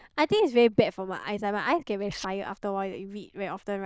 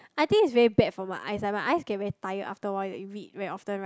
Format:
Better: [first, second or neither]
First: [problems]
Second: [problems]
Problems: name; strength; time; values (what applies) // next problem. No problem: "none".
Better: second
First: noise reduction (neural diffusion model UNIVERSE++)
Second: none